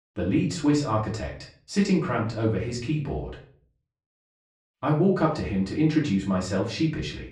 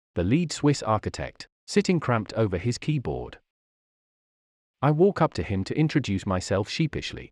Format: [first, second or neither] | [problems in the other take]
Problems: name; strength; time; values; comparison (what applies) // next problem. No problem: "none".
second | off-mic speech; far // room echo; slight; dies away in 0.4 s